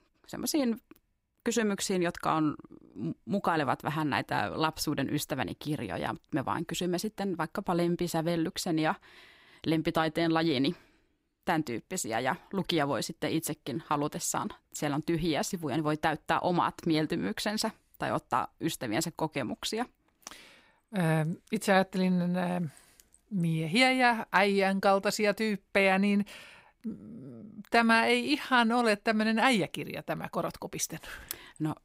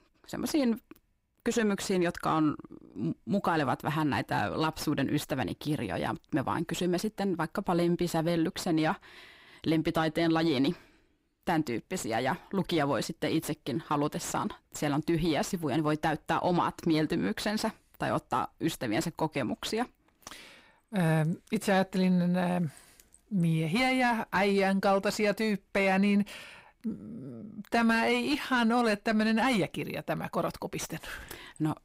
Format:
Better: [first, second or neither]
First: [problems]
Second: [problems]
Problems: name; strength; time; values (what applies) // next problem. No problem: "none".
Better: first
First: none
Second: distortion; slight; 10 dB below the speech